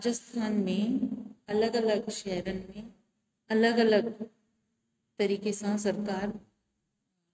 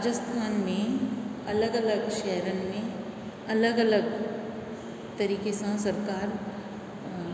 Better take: second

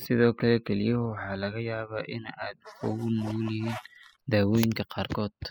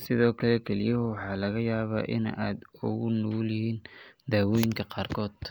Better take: second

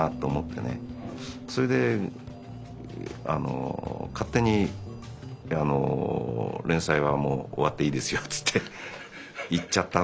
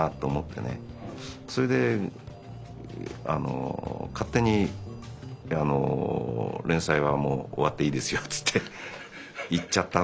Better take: second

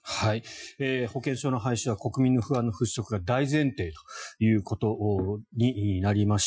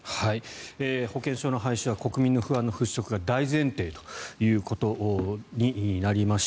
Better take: second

